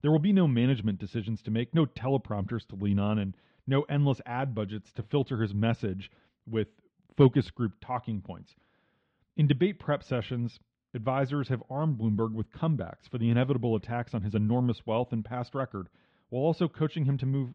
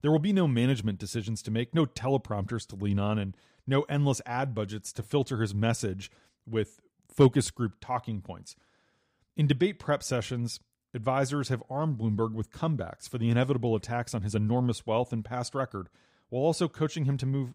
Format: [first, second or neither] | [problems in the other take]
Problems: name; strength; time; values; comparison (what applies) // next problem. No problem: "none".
second | muffled; slightly; fading above 3.5 kHz